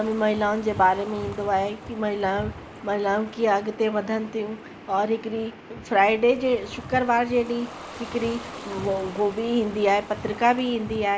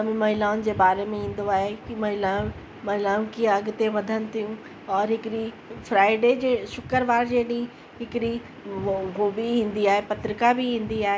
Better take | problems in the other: second | background sound (Ocean); 19 dB below the speech

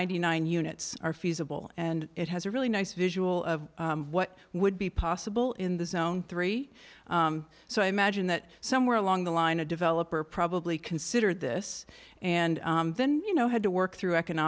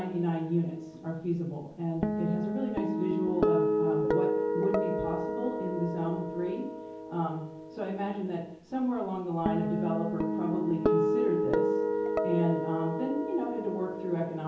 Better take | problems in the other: first | background sound (Guitar); 1 dB above the speech // room echo; dies away in 0.7 s

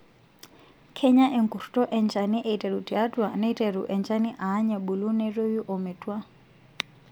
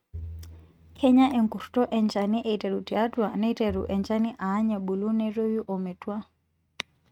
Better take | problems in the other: first | noise reduction (neural mask model RNNoise)

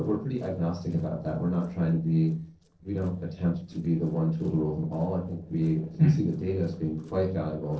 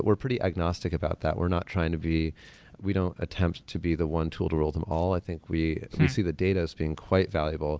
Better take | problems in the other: second | noise reduction (neural separator model SepFormer DNS4)

